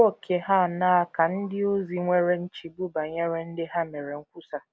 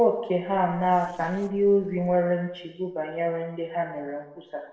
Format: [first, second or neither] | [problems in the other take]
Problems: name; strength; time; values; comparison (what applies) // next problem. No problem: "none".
first | noise reduction (neural separator model SepFormer DNS4)